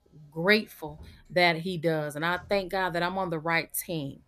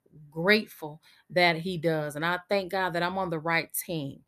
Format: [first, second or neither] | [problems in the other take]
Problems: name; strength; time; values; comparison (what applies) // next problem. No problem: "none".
second | traffic noise; faint; throughout; 30 dB below the speech